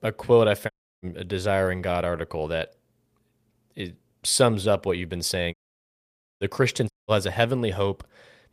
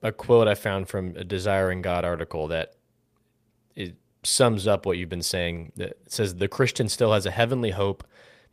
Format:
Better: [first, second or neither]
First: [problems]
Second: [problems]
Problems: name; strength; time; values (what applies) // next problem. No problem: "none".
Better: second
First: audio cutting out; at 0.5 s, at 5.5 s for 1 s and at 7 s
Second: none